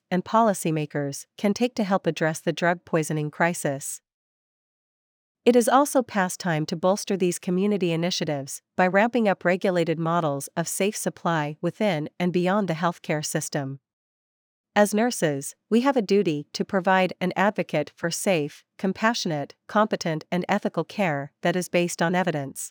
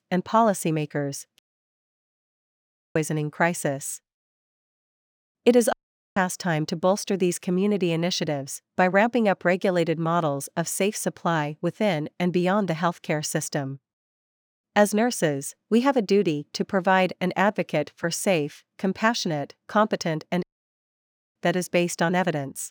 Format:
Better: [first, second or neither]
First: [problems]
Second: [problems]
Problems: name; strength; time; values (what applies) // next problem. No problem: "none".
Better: first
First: none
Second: audio cutting out; at 1.5 s for 1.5 s, at 5.5 s and at 20 s for 1 s